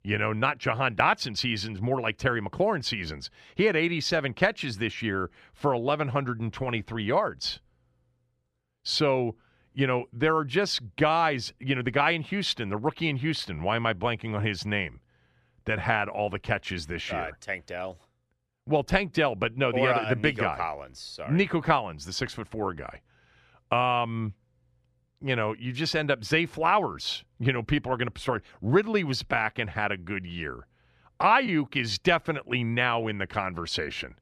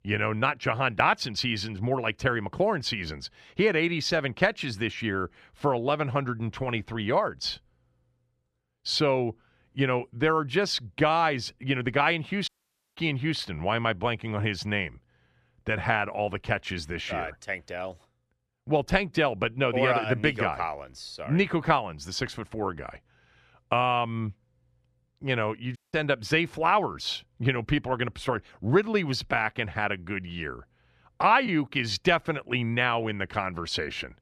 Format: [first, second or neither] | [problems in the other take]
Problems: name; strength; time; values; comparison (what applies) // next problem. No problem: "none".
first | audio cutting out; at 12 s and at 26 s